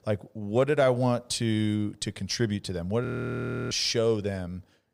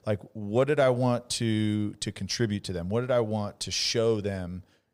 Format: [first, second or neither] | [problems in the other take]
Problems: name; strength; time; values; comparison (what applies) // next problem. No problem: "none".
second | audio freezing; at 3 s for 0.5 s